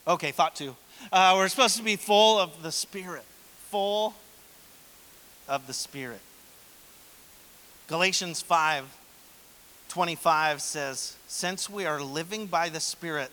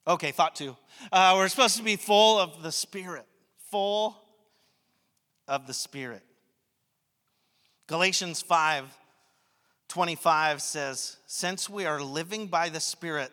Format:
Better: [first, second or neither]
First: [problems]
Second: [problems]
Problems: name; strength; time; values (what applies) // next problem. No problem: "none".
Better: second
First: hiss; faint; throughout; 25 dB below the speech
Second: none